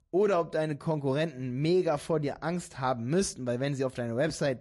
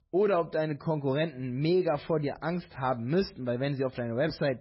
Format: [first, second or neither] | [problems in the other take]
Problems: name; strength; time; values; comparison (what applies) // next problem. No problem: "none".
first | garbled, watery; badly; nothing above 5.5 kHz; slightly in the first